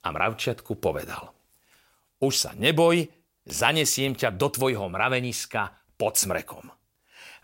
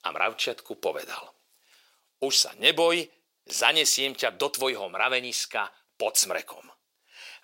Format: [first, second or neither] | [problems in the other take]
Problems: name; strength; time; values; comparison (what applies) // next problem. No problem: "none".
first | thin; somewhat; fading below 450 Hz